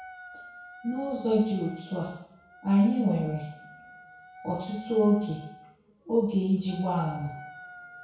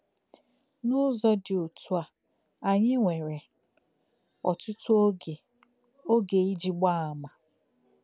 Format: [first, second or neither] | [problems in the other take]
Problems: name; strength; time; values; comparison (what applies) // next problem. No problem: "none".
second | background sound (Wind instrument, woodwind instrument); 18 dB below the speech // room echo; dies away in 0.6 s